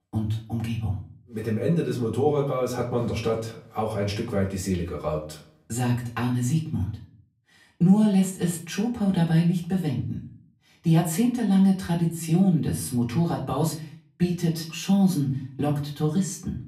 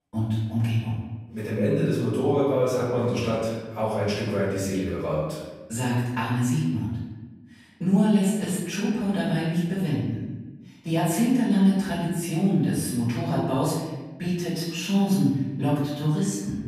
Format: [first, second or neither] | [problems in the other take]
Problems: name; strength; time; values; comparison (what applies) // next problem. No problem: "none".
first | room echo; strong; dies away in 1.1 s; slight in the first // off-mic speech; far; far in the first